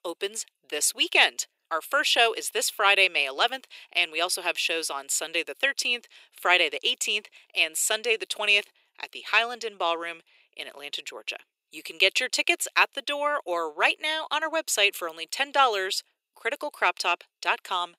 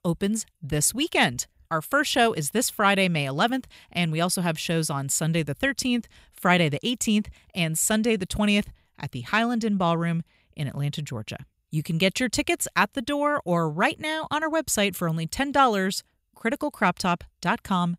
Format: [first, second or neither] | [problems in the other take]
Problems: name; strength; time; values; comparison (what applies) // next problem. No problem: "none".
second | thin; very; fading below 350 Hz